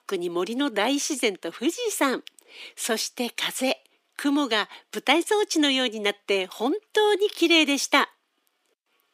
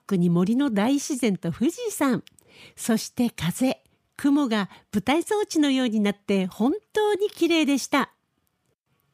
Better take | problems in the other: second | thin; somewhat; fading below 300 Hz

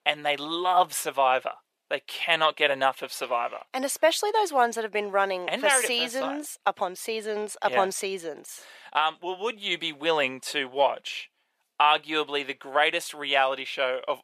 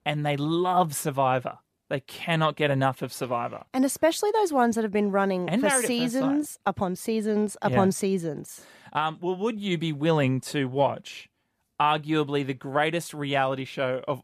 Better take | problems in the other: second | thin; very; fading below 600 Hz

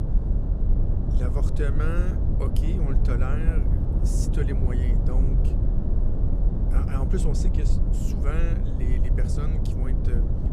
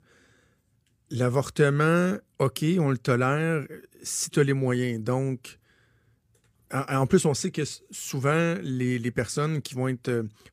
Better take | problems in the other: second | low rumble; loud; throughout; 1 dB below the speech

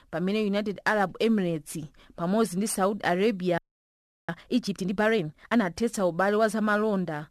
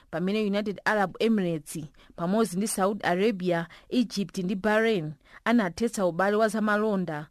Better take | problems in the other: second | audio freezing; at 3.5 s for 0.5 s

